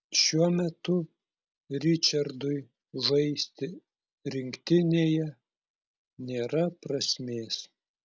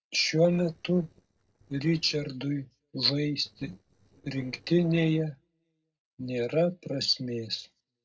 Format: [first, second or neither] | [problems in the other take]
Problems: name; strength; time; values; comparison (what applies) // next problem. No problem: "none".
first | noise reduction (neural separator model SepFormer DNS4)